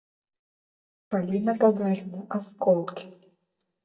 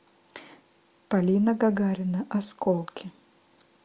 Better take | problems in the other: second | noise reduction (neural mask model DeepFilterNet 3)

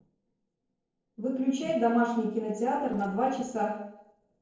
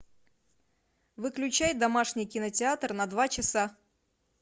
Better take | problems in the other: second | noise reduction (neural separator model SepFormer DNS4)

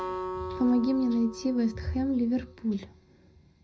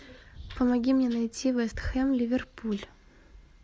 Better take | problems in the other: second | background sound (Acoustic guitar); 11 dB below the speech // room echo; dies away in 0.5 s

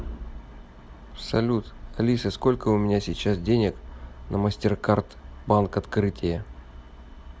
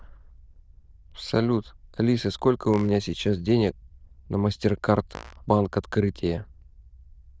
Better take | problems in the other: first | noise reduction (neural diffusion model UNIVERSE++)

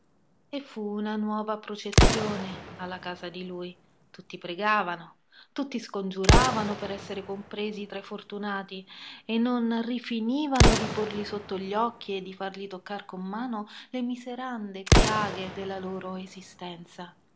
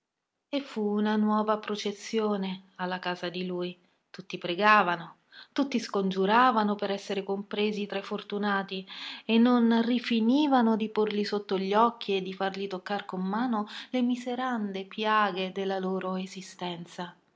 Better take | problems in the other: second | background sound (Explosion); 2 dB above the speech

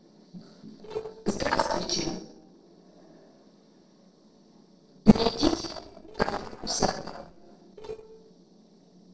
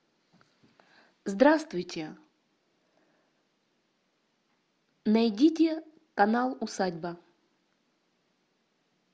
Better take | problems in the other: second | noise reduction (neural separator model SepFormer DNS4)

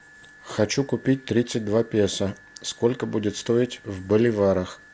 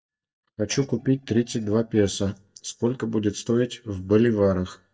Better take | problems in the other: first | noise reduction (neural mask model DeepFilterNet 3)

